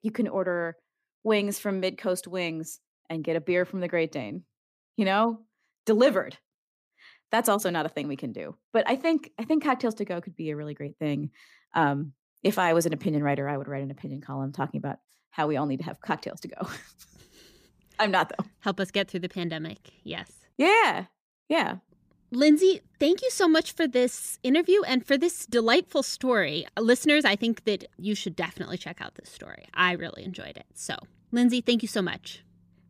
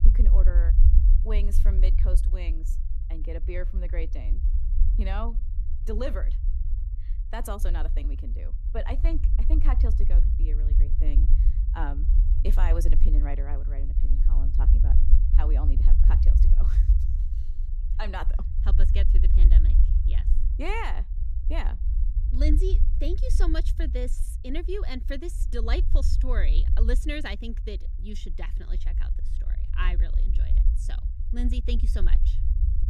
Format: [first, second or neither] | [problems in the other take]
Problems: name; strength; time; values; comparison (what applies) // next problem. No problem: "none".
first | low rumble; loud; throughout; 9 dB below the speech